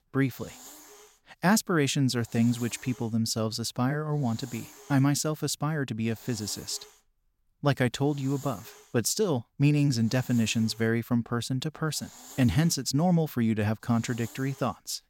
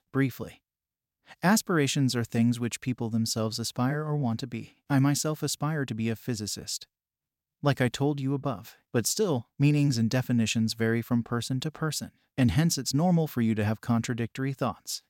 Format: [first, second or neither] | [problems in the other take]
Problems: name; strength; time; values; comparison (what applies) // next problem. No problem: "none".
second | hiss; faint; throughout; 20 dB below the speech